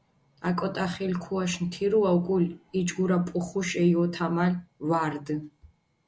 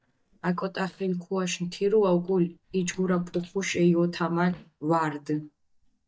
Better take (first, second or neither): first